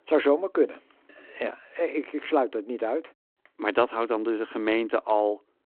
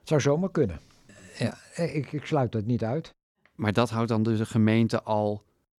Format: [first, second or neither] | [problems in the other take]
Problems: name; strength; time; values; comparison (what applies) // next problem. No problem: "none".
second | phone-call audio